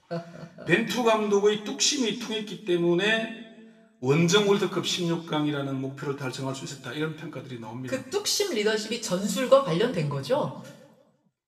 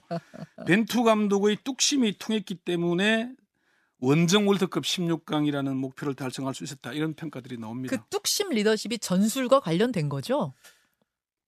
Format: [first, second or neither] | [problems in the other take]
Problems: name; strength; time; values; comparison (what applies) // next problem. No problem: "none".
second | room echo; slight; dies away in 0.7 s // off-mic speech; somewhat distant